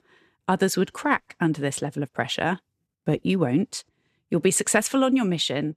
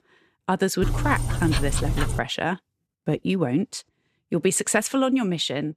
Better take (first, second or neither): first